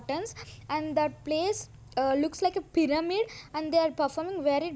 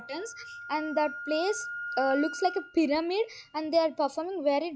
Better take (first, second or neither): first